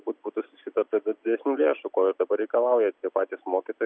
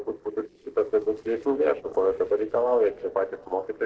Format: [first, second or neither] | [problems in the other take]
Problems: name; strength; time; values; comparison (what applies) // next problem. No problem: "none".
first | noise reduction (neural separator model SepFormer DNS4)